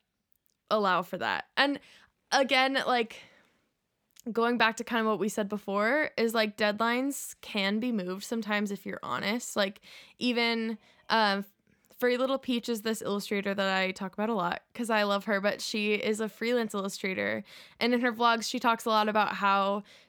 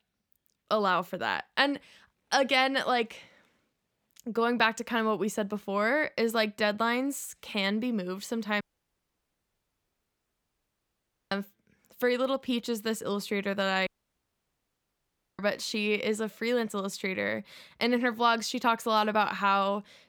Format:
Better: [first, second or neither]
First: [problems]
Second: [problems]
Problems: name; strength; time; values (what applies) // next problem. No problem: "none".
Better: first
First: none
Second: audio cutting out; at 8.5 s for 2.5 s and at 14 s for 1.5 s